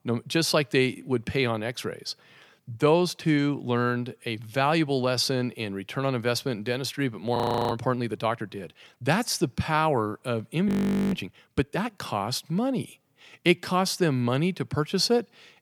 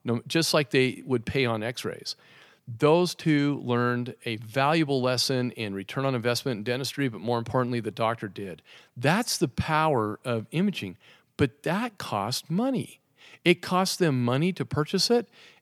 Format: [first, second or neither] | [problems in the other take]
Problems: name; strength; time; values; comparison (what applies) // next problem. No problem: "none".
second | audio freezing; at 7.5 s and at 11 s